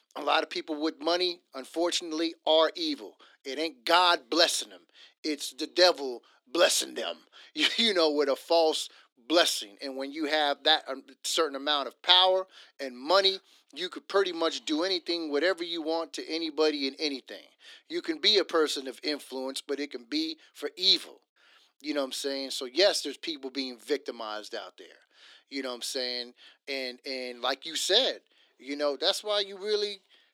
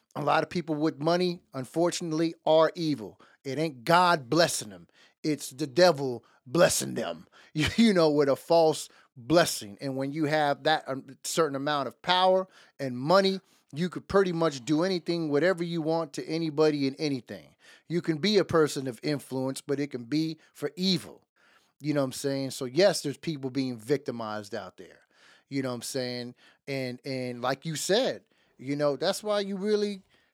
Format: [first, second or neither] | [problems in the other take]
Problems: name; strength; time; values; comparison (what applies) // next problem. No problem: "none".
second | thin; somewhat; fading below 300 Hz